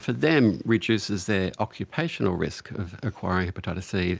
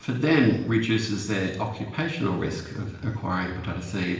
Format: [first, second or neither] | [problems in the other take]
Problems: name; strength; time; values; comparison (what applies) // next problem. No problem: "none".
first | room echo; dies away in 0.8 s